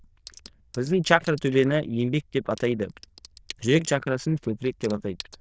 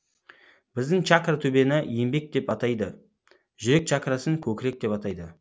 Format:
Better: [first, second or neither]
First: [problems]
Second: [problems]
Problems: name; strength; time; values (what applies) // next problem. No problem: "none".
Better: second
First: noise reduction (neural diffusion model UNIVERSE++)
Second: none